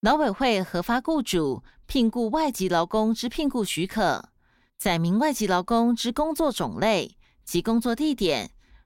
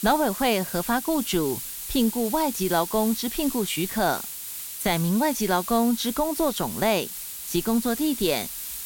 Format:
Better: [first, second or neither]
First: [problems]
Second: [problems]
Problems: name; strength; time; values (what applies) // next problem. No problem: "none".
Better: first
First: none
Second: hiss; loud; throughout; 7 dB below the speech